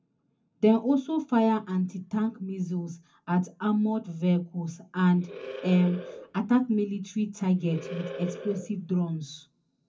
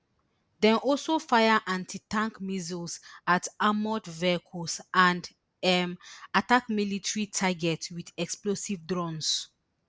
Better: second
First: background sound (Animal); 12 dB below the speech // room echo; dies away in 0.3 s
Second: none

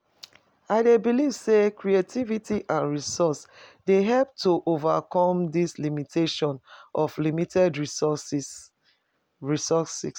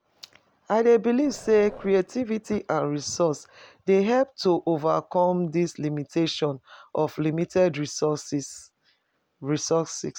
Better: first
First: none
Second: background sound (Growling); 20 dB below the speech

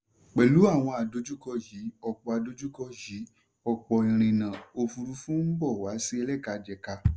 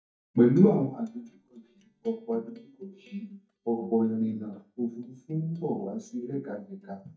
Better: first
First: none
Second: noise reduction (neural mask model DeepFilterNet 3)

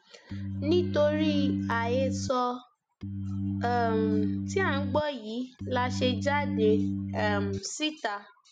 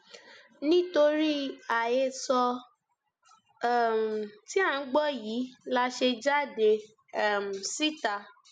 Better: second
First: background sound (Organ); as loud as the speech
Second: none

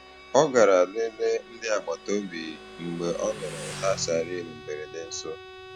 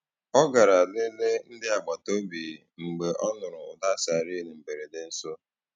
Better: second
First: background sound (Motorcycle + Bowed string instrument); 15 dB below the speech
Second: none

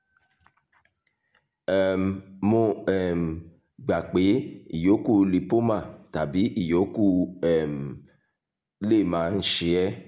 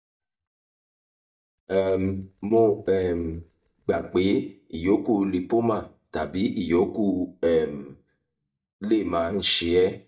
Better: first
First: none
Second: noise reduction (neural mask model DeepFilterNet 3)

